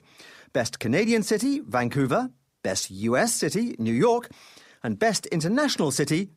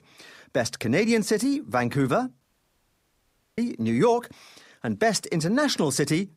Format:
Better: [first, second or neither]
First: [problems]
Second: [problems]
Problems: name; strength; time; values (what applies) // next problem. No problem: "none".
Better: first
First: none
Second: audio cutting out; at 2.5 s for 1 s